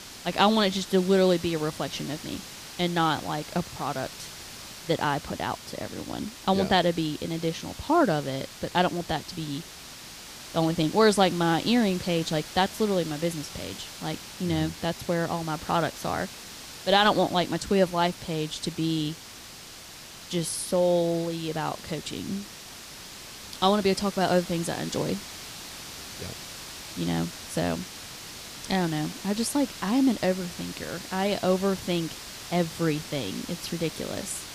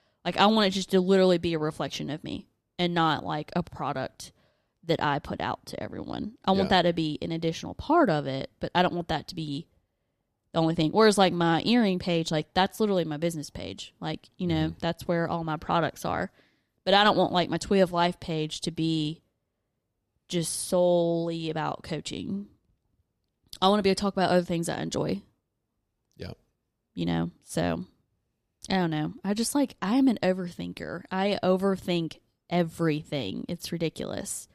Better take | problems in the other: second | hiss; noticeable; throughout; 10 dB below the speech

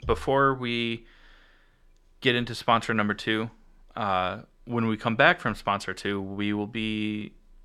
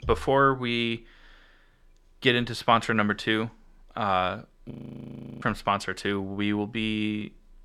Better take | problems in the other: first | audio freezing; at 4.5 s for 0.5 s

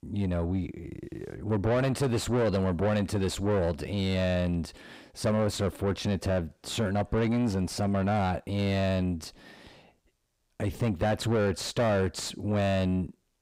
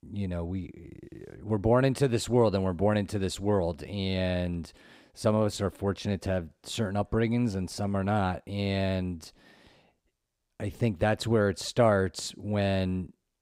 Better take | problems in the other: second | distortion; heavy; 8 dB below the speech

